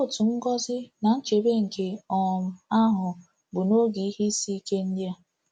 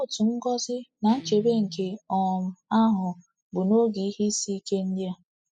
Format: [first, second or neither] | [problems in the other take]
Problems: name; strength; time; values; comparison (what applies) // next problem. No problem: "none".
first | noise reduction (classical method spectral subtraction)